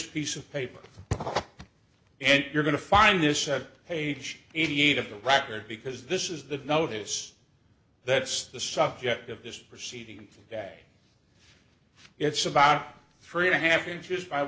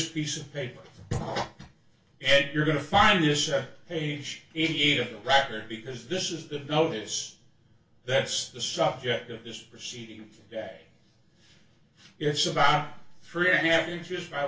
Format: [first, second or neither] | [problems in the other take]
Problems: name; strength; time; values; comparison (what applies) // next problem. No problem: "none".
first | room echo; dies away in 0.2 s